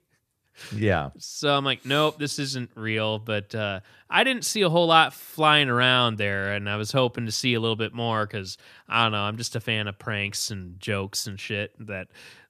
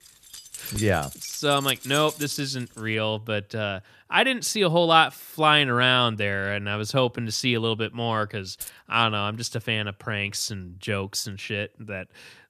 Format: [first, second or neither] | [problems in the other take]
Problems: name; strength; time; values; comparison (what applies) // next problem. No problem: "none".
first | jangling keys; noticeable; until 3 s; peak 8 dB below the speech // jangling keys; faint; at 8.5 s; peak 15 dB below the speech